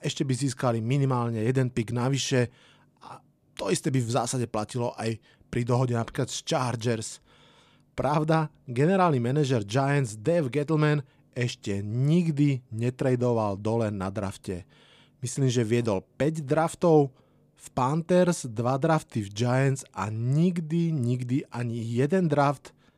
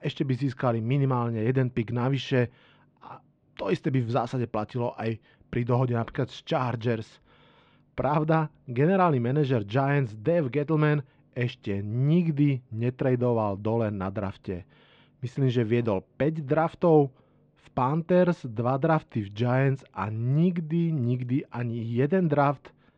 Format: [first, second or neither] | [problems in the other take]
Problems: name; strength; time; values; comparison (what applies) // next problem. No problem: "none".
first | muffled; very; fading above 3 kHz